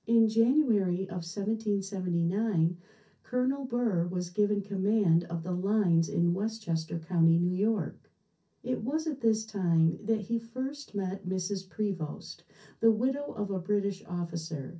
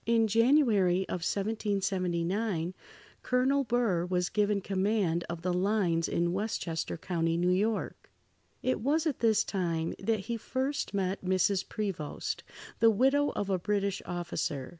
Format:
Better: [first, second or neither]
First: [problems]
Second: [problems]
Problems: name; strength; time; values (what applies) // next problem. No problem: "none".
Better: second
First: room echo; dies away in 0.3 s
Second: none